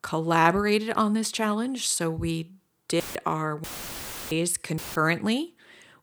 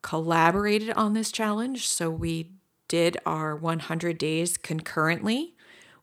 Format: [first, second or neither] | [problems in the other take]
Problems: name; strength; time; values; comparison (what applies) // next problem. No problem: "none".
second | audio cutting out; filled with static; at 3 s, at 3.5 s for 0.5 s and at 5 s